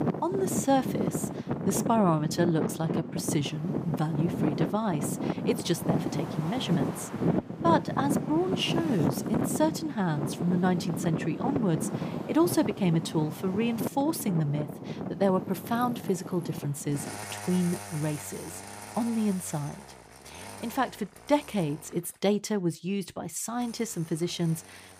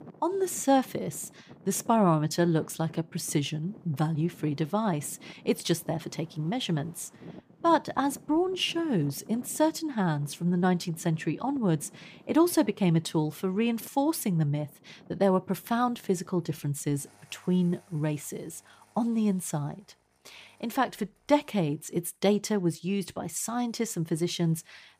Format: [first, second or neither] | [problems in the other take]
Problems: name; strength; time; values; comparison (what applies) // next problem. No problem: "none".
second | traffic noise; loud; throughout; 4 dB below the speech; faint in the second